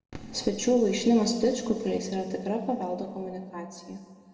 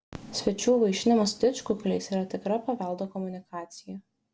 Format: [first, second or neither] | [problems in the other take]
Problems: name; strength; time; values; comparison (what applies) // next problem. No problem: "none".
second | room echo; dies away in 2 s